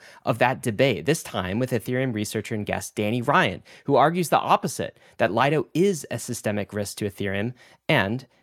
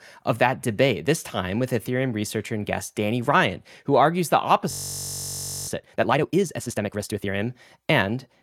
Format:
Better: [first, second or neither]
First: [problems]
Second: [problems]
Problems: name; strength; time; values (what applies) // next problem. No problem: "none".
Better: first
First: none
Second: audio freezing; at 4.5 s for 1 s